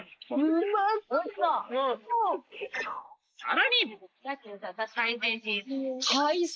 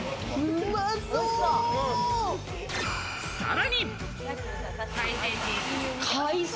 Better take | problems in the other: second | noise reduction (neural mask model Resemble Enhance denoiser)

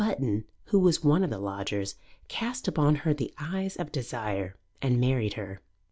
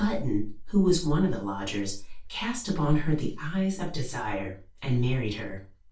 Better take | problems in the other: first | room echo; dies away in 0.3 s

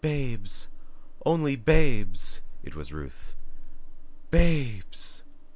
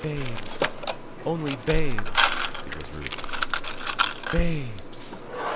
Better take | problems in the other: first | background sound (Mechanisms); 3 dB below the speech

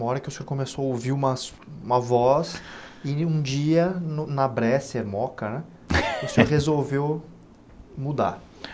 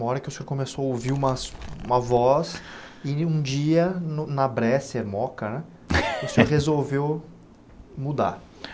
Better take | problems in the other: first | background sound (Animal); 14 dB below the speech

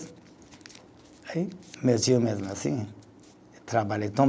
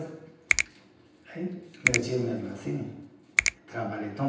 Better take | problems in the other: first | background sound (Finger snapping); 2 dB above the speech // room echo; dies away in 0.9 s

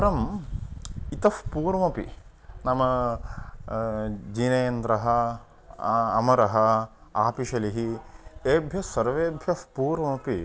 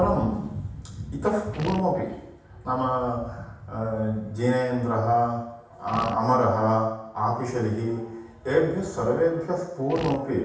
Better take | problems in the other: first | background sound (Fart); 11 dB below the speech // room echo; dies away in 0.9 s

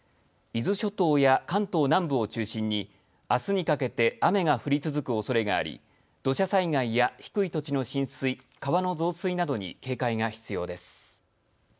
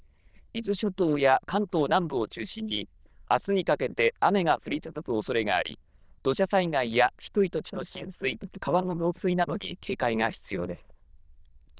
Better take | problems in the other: first | noise reduction (neural diffusion model UNIVERSE++)

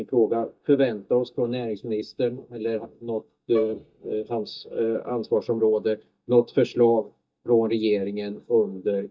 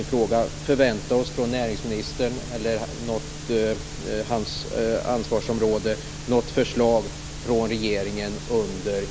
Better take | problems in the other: second | noise reduction (neural mask model DeepFilterNet 3)

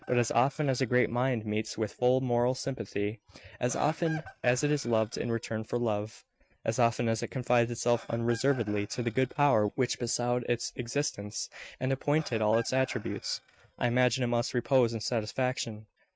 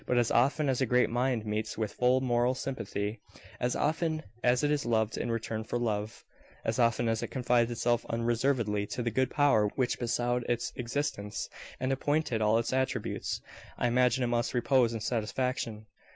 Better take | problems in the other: second | noise reduction (neural mask model RNNoise)

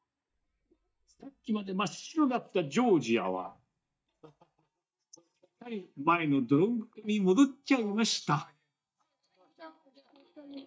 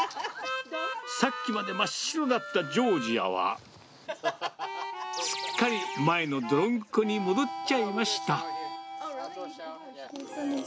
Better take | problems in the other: second | noise reduction (neural mask model DeepFilterNet 3)

